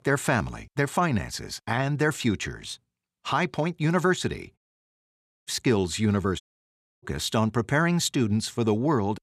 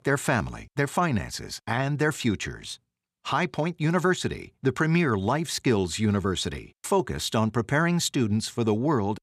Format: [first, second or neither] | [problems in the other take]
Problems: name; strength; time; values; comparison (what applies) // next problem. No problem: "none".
second | audio cutting out; at 4.5 s for 1 s and at 6.5 s for 0.5 s